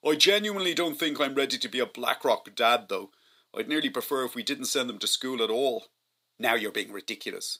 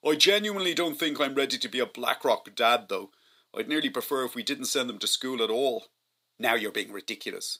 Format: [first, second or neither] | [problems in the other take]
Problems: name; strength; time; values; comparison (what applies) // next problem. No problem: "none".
neither | thin; very slightly; fading below 350 Hz; the same in both